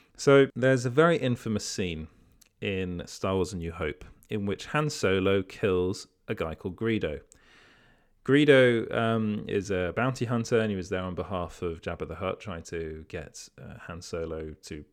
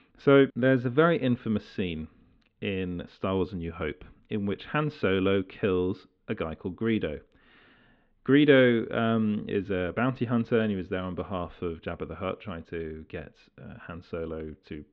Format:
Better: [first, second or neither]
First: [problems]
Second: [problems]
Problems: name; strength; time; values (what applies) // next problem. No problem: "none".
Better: first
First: none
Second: muffled; very; fading above 3.5 kHz